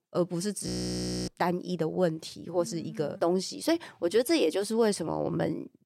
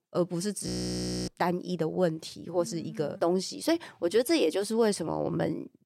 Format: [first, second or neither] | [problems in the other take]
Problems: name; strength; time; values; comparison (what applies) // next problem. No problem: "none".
neither | audio freezing; at 0.5 s for 0.5 s; the same in both